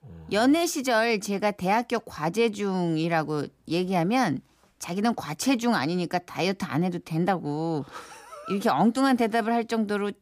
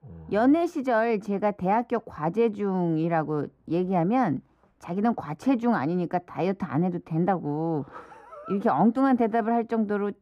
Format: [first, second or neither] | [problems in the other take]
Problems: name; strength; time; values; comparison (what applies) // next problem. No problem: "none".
first | muffled; very; fading above 2.5 kHz